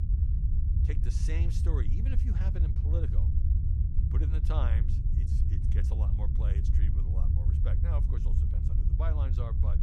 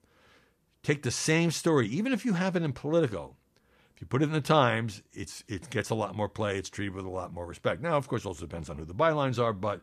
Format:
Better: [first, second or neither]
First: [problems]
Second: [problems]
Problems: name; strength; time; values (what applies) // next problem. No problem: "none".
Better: second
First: low rumble; loud; throughout; as loud as the speech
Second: none